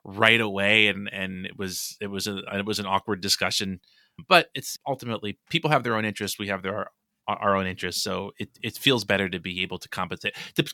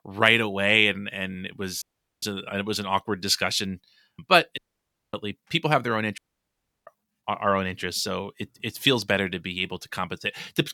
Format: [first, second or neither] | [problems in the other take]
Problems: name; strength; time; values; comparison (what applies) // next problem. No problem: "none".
first | audio cutting out; at 2 s, at 4.5 s for 0.5 s and at 6 s for 0.5 s